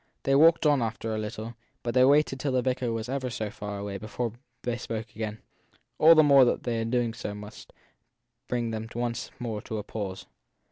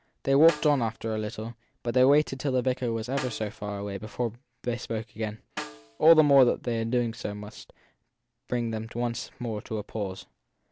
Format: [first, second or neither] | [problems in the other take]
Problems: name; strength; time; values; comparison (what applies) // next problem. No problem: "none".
first | background sound (Snare drum); 18 dB below the speech